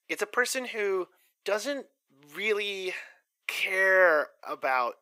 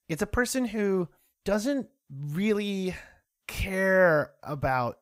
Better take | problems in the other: second | thin; very; fading below 350 Hz

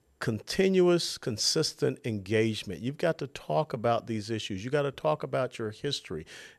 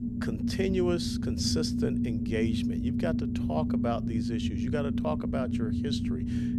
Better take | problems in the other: first | low rumble; loud; throughout; 2 dB below the speech

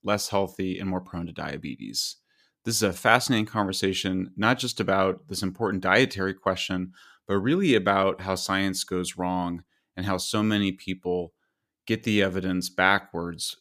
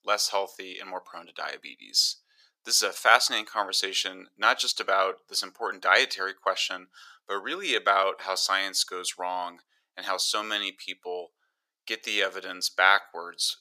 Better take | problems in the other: first | thin; very; fading below 550 Hz

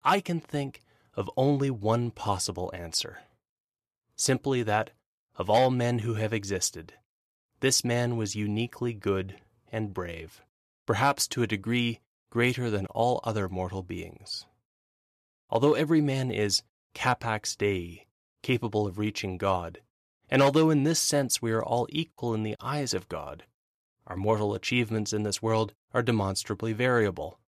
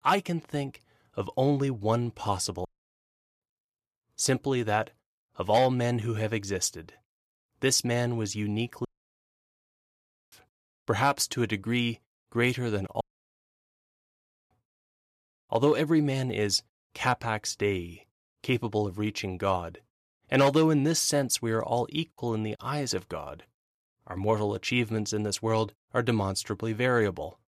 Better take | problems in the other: first | audio cutting out; at 2.5 s for 1 s, at 9 s for 1.5 s and at 13 s for 1.5 s

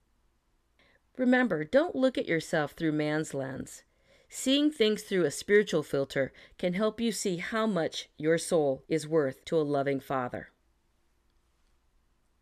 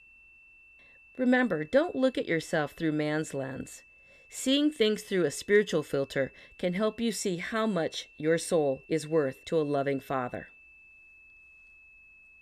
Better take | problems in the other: first | high-pitched whine; faint; throughout; 2.5 kHz, 25 dB below the speech

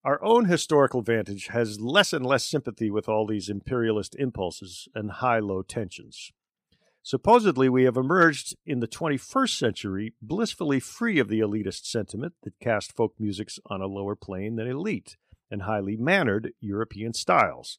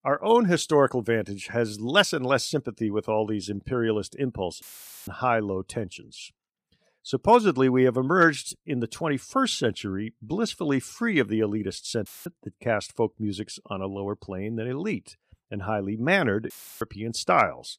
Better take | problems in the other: first | audio cutting out; filled with static; at 4.5 s, at 12 s and at 17 s

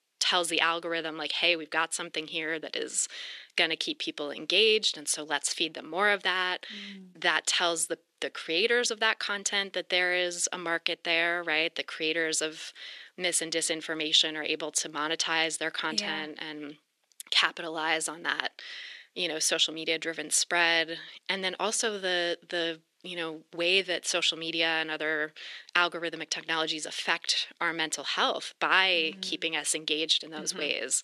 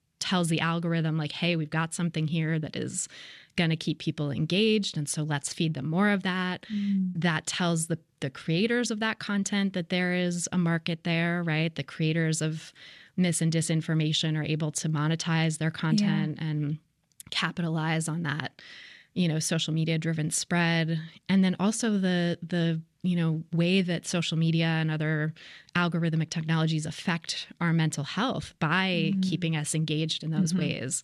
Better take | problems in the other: second | thin; very; fading below 350 Hz

